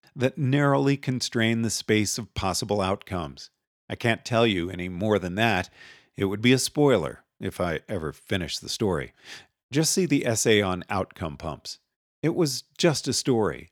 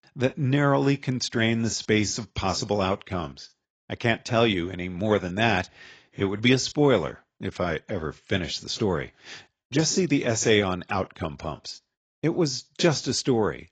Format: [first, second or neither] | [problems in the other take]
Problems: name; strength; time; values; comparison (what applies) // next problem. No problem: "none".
first | garbled, watery; badly; nothing above 7.5 kHz